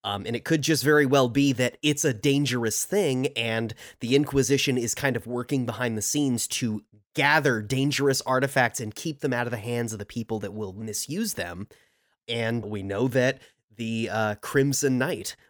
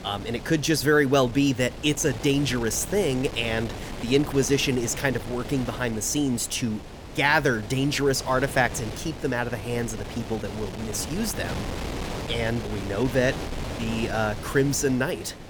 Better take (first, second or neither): first